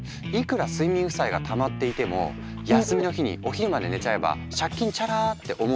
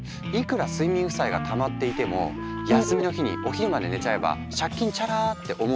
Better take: first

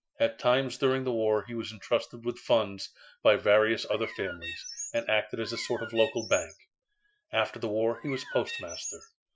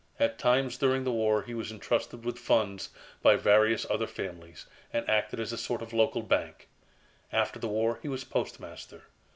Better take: second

